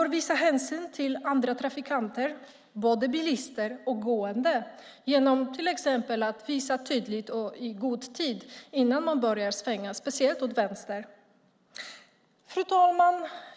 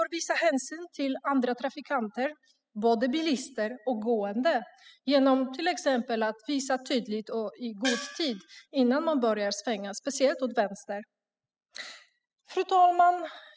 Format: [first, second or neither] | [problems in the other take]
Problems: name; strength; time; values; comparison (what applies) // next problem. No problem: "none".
first | noise reduction (classical method spectral subtraction)